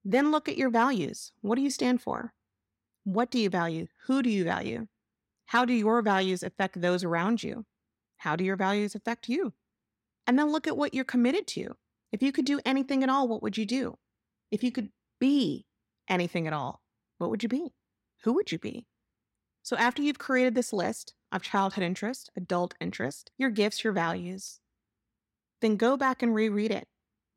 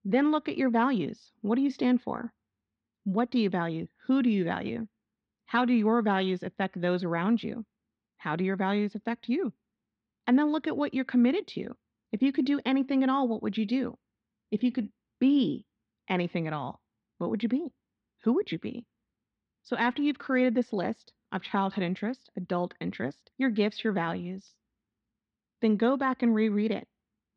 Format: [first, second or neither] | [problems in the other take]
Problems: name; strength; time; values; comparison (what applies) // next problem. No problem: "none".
first | muffled; slightly; fading above 3.5 kHz